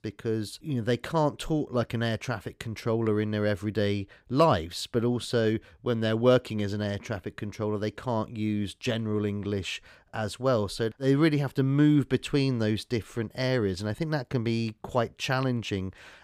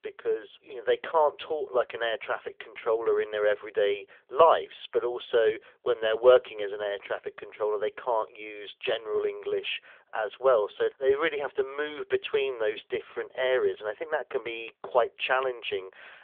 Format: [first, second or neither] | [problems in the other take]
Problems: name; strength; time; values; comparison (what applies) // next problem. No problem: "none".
first | phone-call audio; nothing above 3.5 kHz